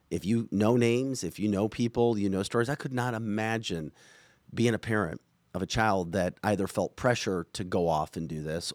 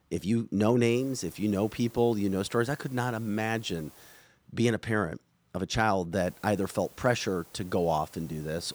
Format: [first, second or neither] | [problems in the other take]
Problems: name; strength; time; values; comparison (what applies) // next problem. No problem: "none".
first | hiss; faint; from 1 to 4 s and from 6 s on; 25 dB below the speech